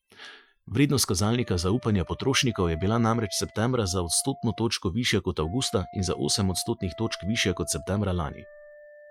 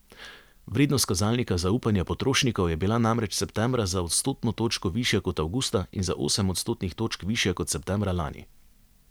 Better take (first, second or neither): second